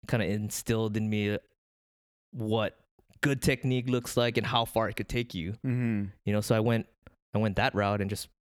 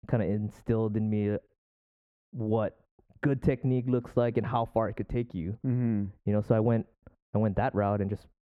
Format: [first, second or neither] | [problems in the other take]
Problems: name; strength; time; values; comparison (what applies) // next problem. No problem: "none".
first | muffled; very; fading above 2.5 kHz